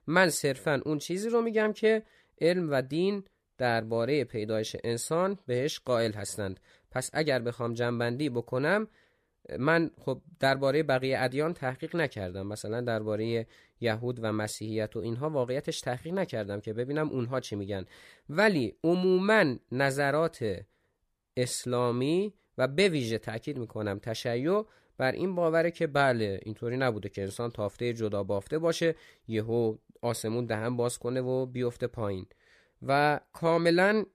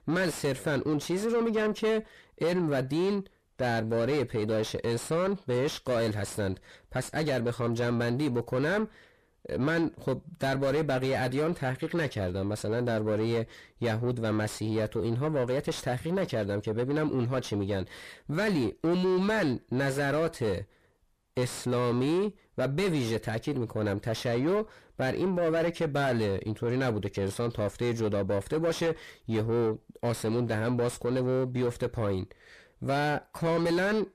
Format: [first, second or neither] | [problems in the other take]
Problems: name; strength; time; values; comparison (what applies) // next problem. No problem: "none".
first | distortion; heavy; 6 dB below the speech